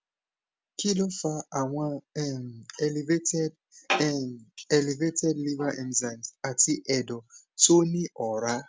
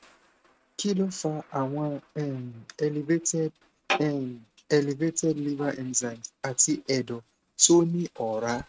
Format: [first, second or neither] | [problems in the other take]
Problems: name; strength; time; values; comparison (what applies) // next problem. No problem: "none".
first | noise reduction (neural mask model RNNoise)